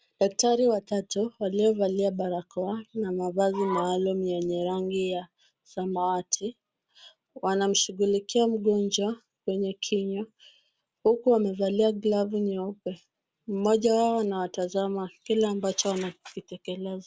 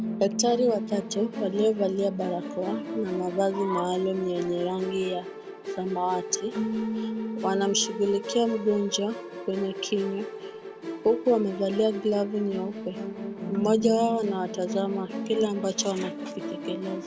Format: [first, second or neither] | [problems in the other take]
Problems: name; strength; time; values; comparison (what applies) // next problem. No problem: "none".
first | background sound (Musical instrument + Keyboard (musical)); 6 dB below the speech